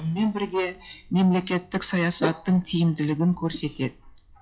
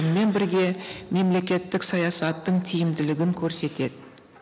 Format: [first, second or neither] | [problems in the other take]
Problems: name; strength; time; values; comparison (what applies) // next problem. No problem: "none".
second | noise reduction (classical method WPE with log-MMSE)